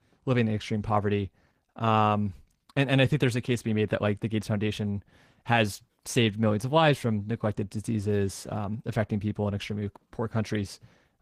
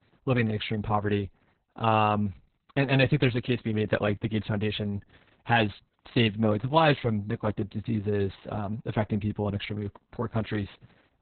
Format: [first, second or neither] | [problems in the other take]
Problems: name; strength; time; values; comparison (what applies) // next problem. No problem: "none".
first | garbled, watery; badly; nothing above 4 kHz; slightly in the first